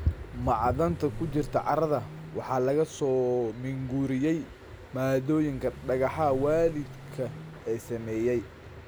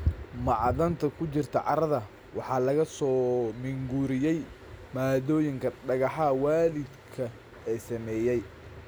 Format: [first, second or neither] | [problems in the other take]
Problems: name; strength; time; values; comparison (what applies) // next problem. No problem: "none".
second | background sound (Vehicle); 15 dB below the speech